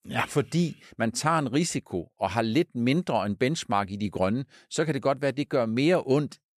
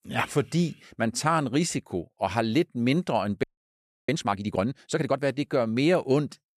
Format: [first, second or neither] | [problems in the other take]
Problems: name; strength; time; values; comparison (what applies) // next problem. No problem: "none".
first | audio freezing; at 3.5 s for 0.5 s